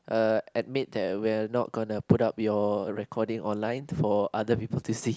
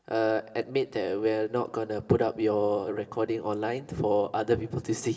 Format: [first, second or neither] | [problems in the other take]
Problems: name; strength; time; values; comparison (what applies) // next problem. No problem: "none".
first | room echo; dies away in 2.2 s